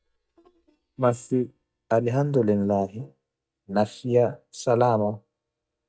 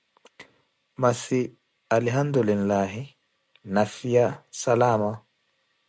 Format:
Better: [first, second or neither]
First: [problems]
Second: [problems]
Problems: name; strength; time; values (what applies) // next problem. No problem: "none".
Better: second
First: noise reduction (neural mask model DeepFilterNet 3)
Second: none